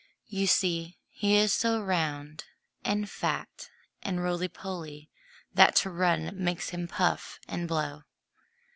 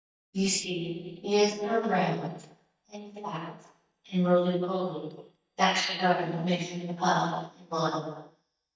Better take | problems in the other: first | noise reduction (neural mask model DeepFilterNet 3)

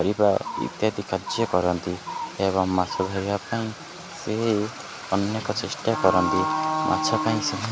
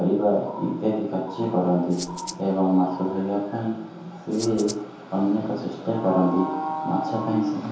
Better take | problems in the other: first | background sound (Rattle (instrument)); 13 dB below the speech // room echo; dies away in 0.8 s

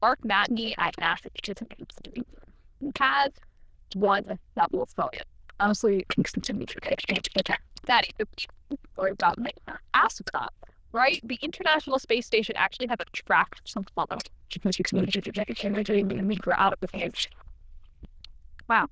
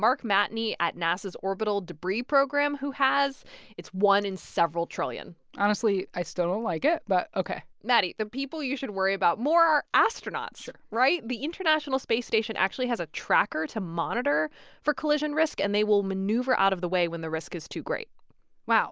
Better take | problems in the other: second | noise reduction (neural diffusion model UNIVERSE++)

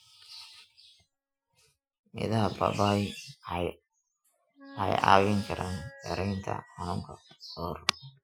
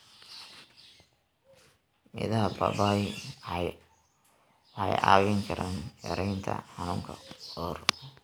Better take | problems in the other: second | noise reduction (classical method Wiener filter)

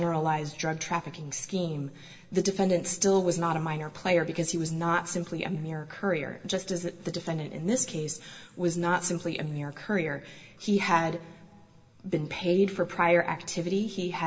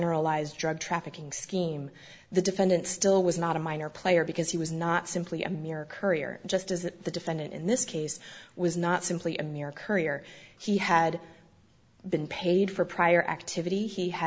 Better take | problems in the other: second | room echo; dies away in 1.1 s

